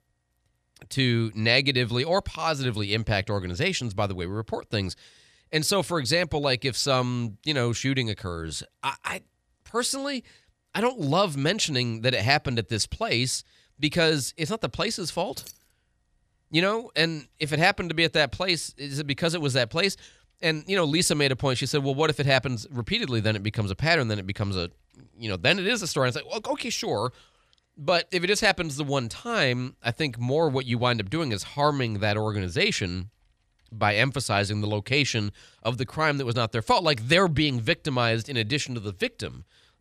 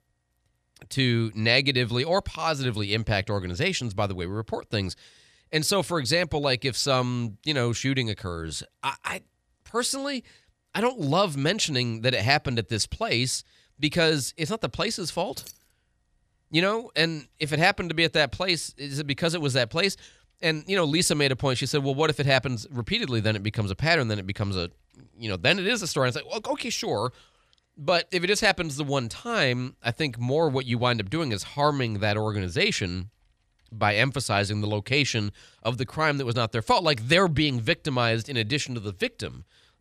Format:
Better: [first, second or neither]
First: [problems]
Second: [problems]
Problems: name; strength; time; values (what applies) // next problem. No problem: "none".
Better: neither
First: jangling keys; faint; at 15 s; peak 15 dB below the speech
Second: jangling keys; faint; at 15 s; peak 15 dB below the speech